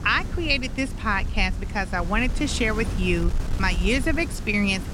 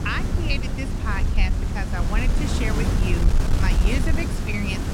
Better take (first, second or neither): first